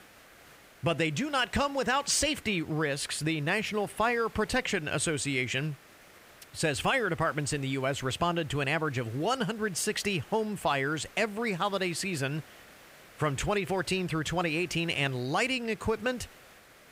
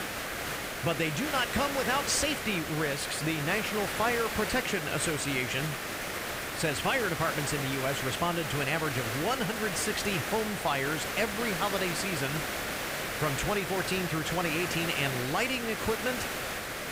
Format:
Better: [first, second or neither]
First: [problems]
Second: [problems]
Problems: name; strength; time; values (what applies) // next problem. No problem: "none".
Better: first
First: hiss; faint; throughout; 25 dB below the speech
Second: hiss; loud; throughout; 2 dB below the speech